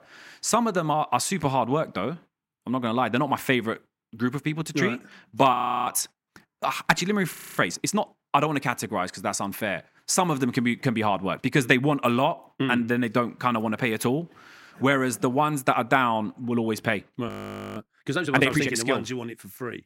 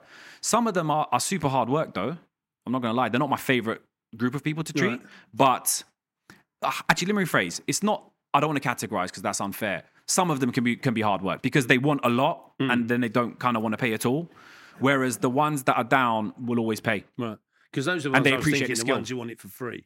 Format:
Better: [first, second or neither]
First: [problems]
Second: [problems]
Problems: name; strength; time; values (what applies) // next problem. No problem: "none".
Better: second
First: audio freezing; at 5.5 s, at 7.5 s and at 17 s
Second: none